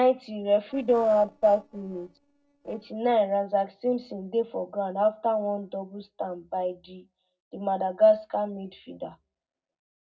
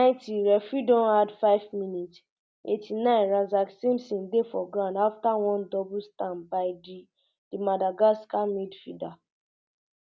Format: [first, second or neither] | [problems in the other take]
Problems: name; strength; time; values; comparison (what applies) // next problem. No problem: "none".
second | noise reduction (neural separator model SepFormer DNS4)